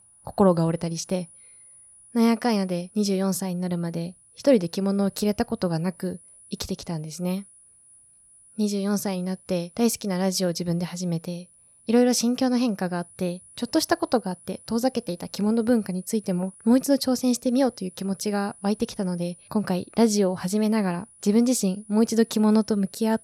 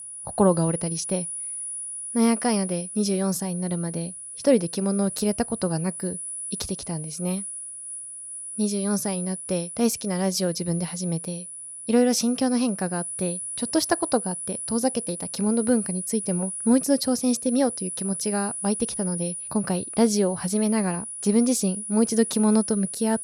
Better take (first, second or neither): first